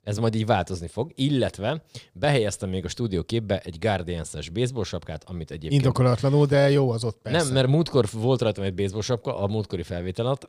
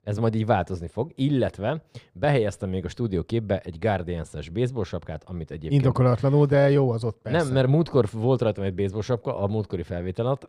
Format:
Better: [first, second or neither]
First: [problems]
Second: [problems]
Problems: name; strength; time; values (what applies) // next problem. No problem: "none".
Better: first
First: none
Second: muffled; slightly; fading above 3 kHz